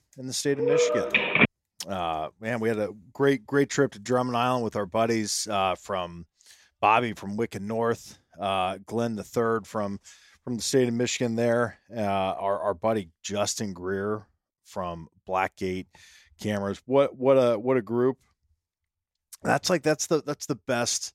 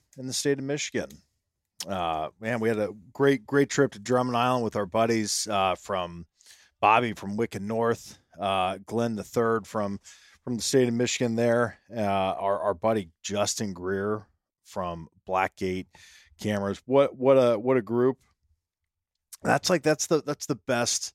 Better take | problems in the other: second | phone ringing; loud; at 0.5 s; peak 7 dB above the speech

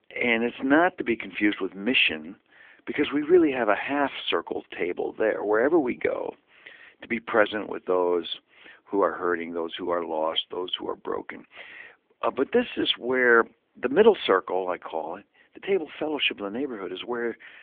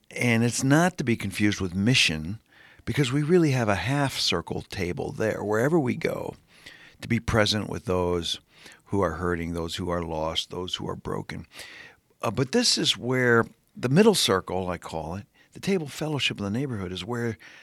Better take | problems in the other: second | phone-call audio; nothing above 3.5 kHz

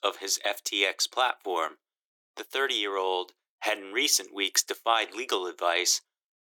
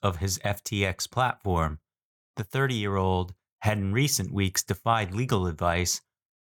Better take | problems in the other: second | thin; very; fading below 300 Hz

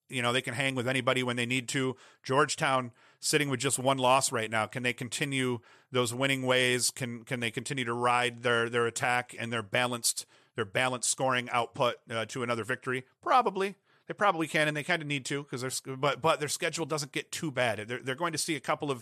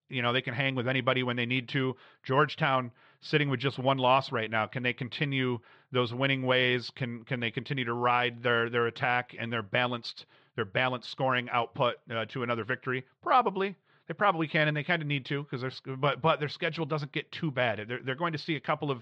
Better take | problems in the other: first | muffled; slightly; fading above 4 kHz

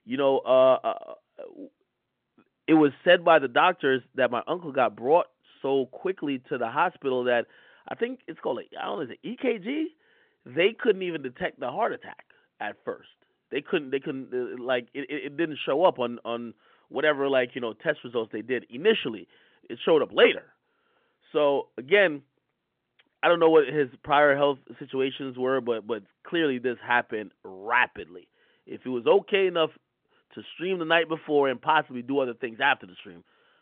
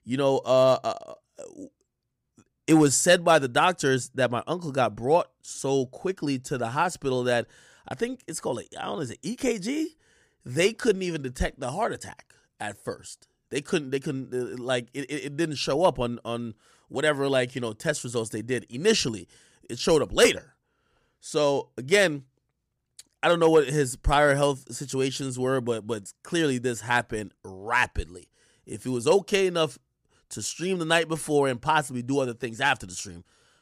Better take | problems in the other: second | phone-call audio; nothing above 3.5 kHz

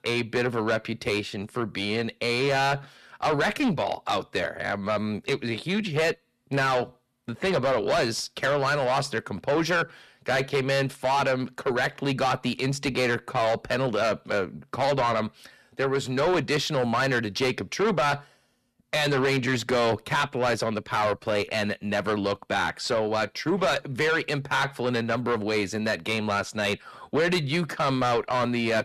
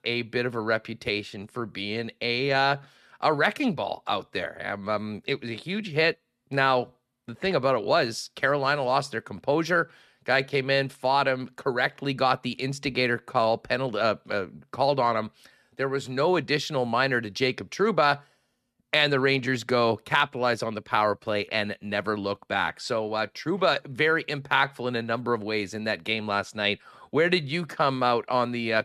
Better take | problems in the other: second | distortion; heavy; 7 dB below the speech

